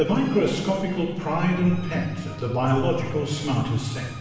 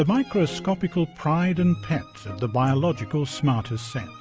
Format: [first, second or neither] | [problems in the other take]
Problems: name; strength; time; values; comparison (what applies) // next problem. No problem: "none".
second | room echo; dies away in 1 s